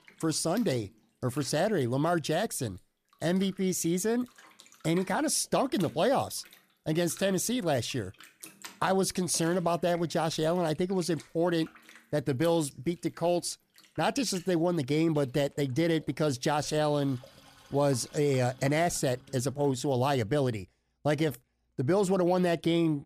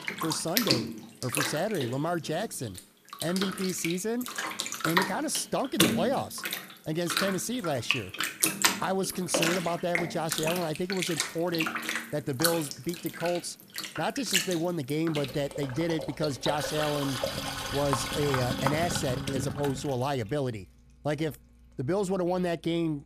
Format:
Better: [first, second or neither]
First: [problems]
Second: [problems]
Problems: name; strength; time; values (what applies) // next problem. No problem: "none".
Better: first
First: household noises; faint; throughout; 25 dB below the speech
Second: household noises; loud; throughout; as loud as the speech